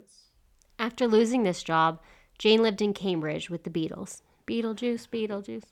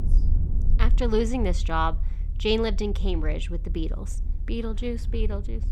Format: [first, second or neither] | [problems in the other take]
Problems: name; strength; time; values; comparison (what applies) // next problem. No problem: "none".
first | low rumble; noticeable; throughout; 20 dB below the speech